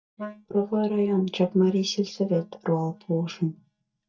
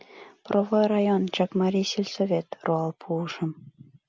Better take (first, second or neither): second